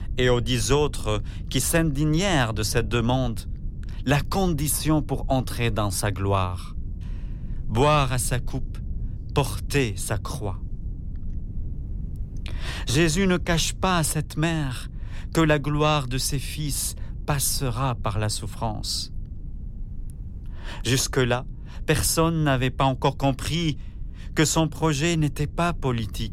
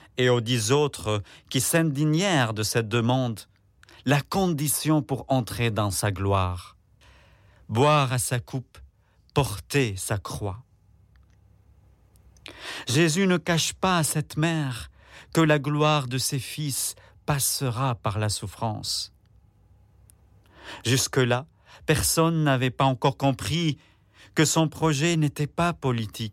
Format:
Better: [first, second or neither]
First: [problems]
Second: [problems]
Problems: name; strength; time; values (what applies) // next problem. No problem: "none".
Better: second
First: low rumble; faint; throughout; 25 dB below the speech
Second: none